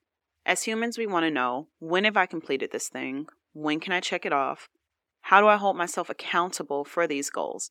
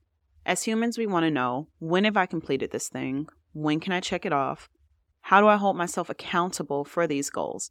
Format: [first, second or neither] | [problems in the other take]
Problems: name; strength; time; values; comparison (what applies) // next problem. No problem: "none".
second | thin; very slightly; fading below 300 Hz